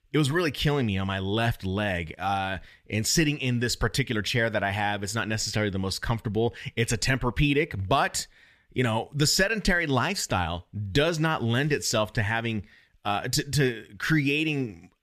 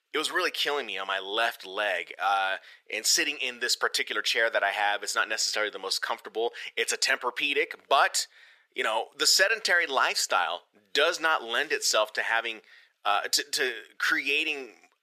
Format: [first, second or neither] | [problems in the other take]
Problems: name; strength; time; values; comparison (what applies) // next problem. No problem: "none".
first | thin; very; fading below 450 Hz